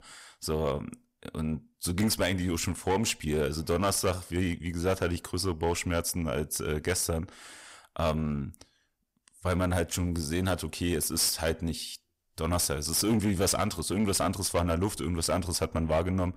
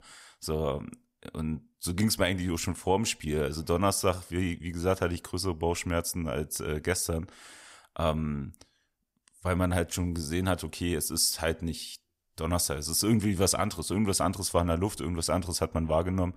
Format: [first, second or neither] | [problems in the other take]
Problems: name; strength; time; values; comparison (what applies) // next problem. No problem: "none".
second | distortion; slight; 8% of the sound clipped